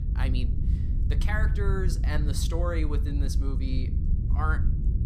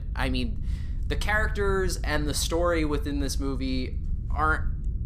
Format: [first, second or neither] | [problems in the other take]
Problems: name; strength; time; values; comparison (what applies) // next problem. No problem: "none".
second | low rumble; loud; throughout; 8 dB below the speech; faint in the second